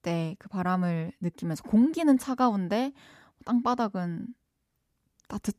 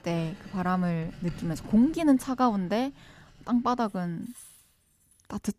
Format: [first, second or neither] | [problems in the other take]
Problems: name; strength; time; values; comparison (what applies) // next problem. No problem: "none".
first | household noises; faint; throughout; 20 dB below the speech